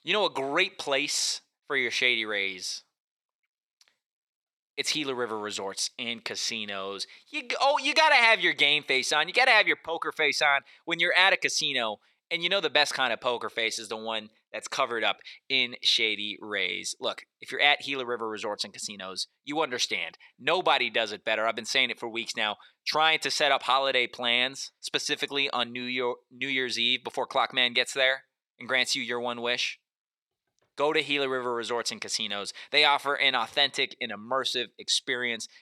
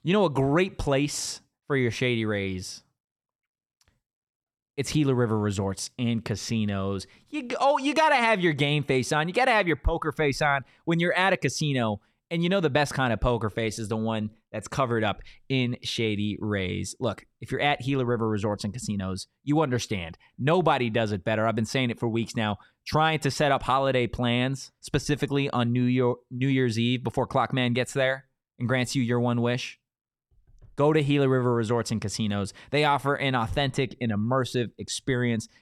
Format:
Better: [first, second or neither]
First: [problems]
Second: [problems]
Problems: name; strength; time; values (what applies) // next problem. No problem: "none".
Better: second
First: thin; somewhat; fading below 500 Hz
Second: none